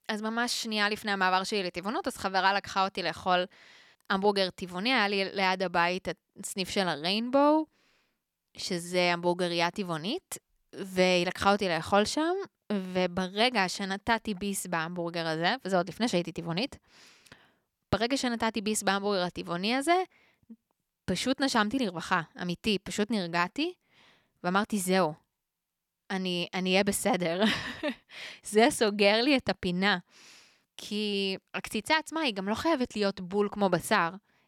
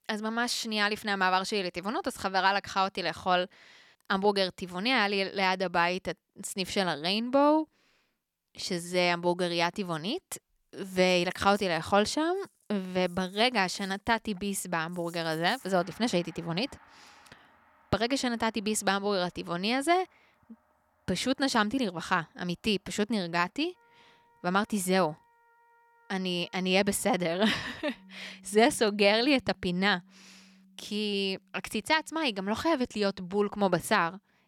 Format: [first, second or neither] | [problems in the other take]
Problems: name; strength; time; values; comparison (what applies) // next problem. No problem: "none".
first | background music; faint; from 11 s on; 30 dB below the speech